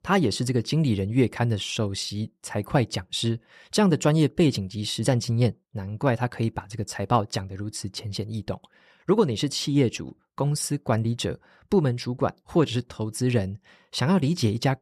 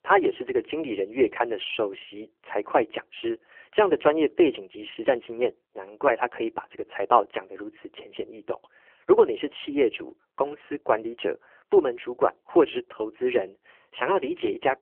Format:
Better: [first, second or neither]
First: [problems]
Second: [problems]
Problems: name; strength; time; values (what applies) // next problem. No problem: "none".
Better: first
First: none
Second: phone-call audio; poor line; nothing above 3 kHz